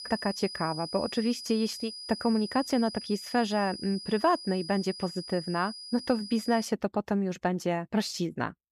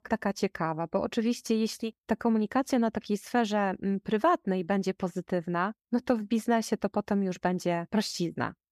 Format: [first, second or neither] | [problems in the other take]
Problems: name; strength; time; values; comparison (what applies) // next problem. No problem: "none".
second | high-pitched whine; loud; until 6.5 s; 5 kHz, 10 dB below the speech